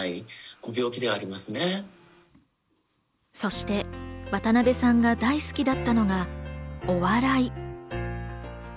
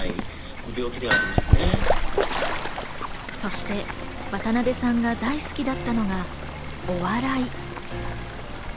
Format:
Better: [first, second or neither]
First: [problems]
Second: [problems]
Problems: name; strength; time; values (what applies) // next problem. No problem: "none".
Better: first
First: none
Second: background sound (Hammer + Bird / Fowl); 2 dB above the speech